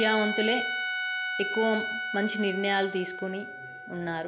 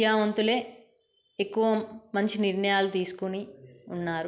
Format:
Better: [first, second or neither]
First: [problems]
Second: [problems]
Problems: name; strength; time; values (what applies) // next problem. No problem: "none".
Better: second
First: background sound (Trumpet); 3 dB below the speech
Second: none